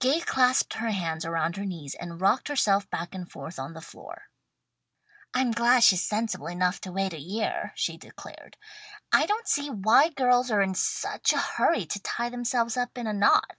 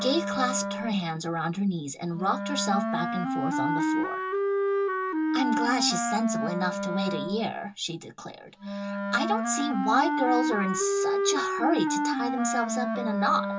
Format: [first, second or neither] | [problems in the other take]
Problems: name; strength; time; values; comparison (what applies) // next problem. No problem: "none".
first | background sound (Wind instrument, woodwind instrument); 1 dB above the speech // room echo; dies away in 0.2 s